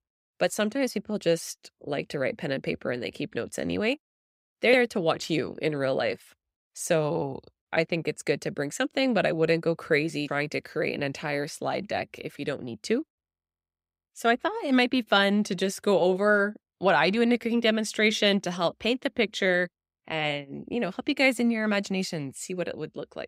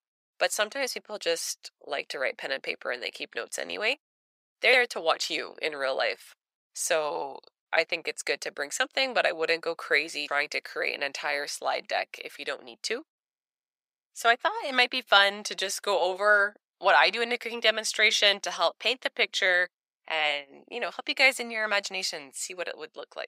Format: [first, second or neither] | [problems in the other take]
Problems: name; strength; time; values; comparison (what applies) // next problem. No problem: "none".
first | thin; very; fading below 800 Hz